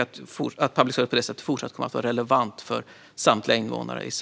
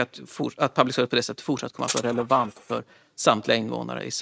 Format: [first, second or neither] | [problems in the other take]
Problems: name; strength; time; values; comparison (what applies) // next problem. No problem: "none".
first | noise reduction (neural mask model RNNoise)